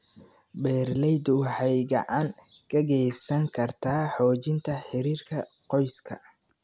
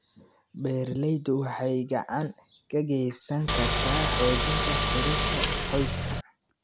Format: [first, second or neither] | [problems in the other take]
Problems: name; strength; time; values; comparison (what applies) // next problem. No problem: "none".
first | background sound (Car); 3 dB above the speech